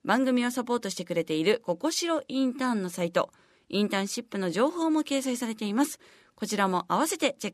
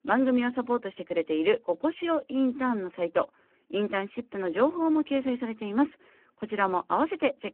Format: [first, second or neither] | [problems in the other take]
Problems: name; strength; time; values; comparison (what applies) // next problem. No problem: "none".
first | phone-call audio; poor line